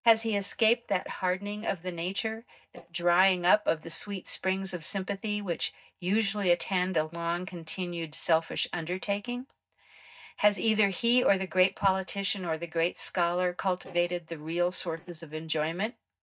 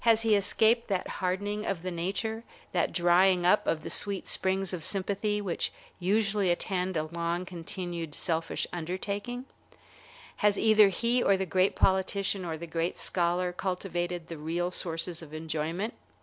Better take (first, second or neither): second